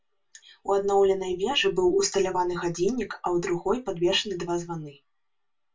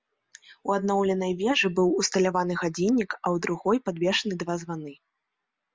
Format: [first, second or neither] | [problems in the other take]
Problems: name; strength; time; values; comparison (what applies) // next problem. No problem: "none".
second | room echo; dies away in 0.1 s